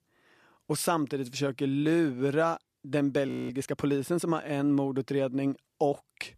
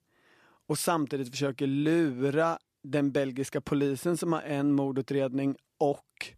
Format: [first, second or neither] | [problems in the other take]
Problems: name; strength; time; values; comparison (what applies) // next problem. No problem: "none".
second | audio freezing; at 3.5 s